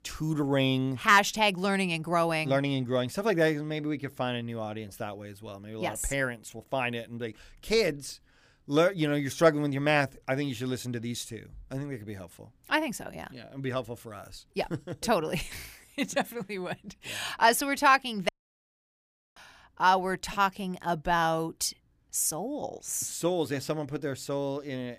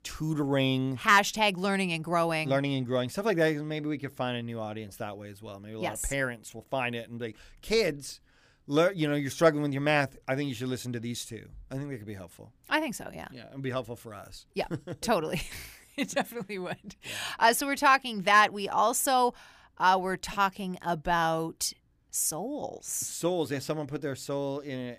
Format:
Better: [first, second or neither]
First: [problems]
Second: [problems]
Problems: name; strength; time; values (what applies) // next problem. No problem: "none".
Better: second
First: audio cutting out; at 18 s for 1 s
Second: none